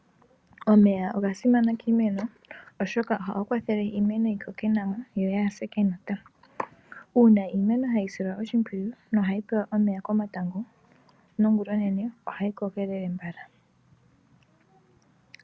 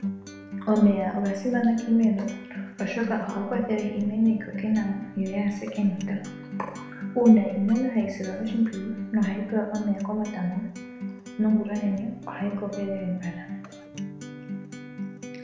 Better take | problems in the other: first | background sound (Acoustic guitar); 11 dB below the speech // room echo; dies away in 0.8 s

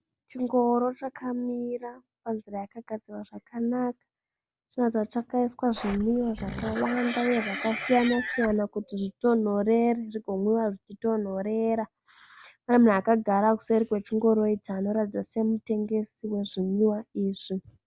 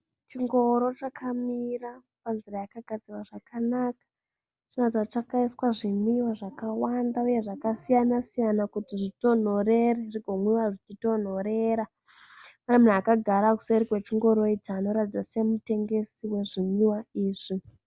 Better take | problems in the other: second | background sound (Livestock, farm animals, working animals); 8 dB below the speech

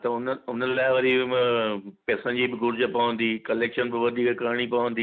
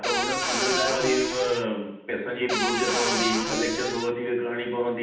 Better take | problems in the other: first | background sound (Cupboard open or close / Door); as loud as the speech // room echo; dies away in 0.8 s

